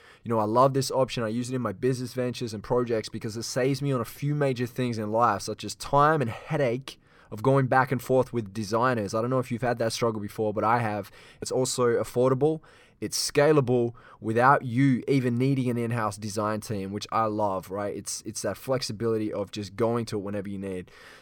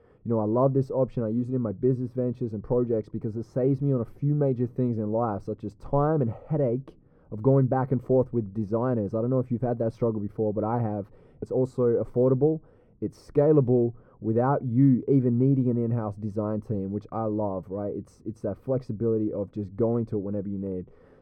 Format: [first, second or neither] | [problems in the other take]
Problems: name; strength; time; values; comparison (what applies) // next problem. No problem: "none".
first | muffled; very; fading above 1.5 kHz